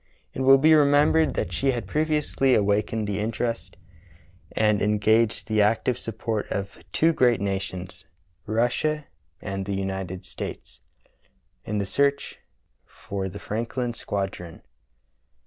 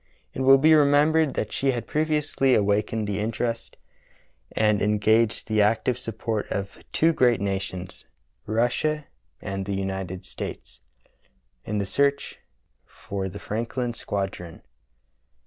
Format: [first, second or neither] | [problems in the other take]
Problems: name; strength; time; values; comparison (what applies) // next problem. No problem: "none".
second | background sound (Boom); 18 dB below the speech